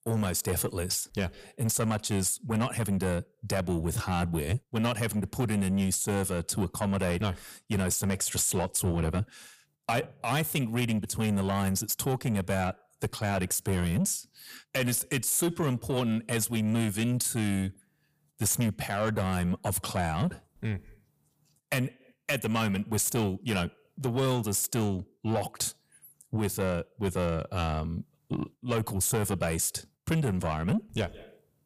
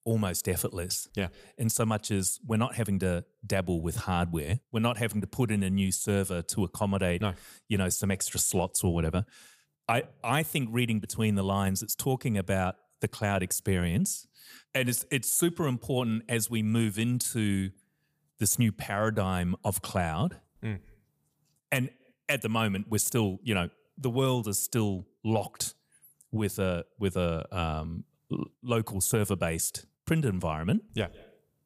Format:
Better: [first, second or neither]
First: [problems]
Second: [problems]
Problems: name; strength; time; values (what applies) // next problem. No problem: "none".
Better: second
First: distortion; slight; 10 dB below the speech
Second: none